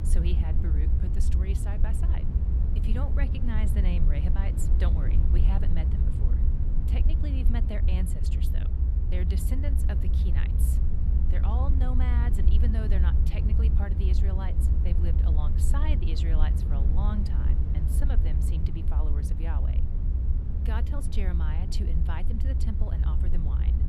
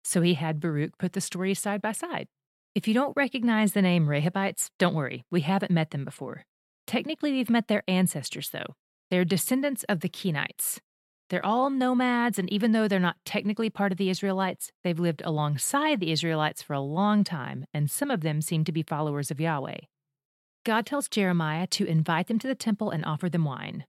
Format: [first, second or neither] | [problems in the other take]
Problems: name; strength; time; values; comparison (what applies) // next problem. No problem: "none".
second | low rumble; loud; throughout; 1 dB below the speech